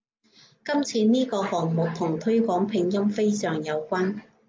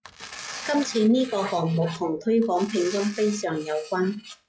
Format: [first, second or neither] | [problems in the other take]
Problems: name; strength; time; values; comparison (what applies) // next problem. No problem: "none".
first | noise reduction (classical method log-MMSE)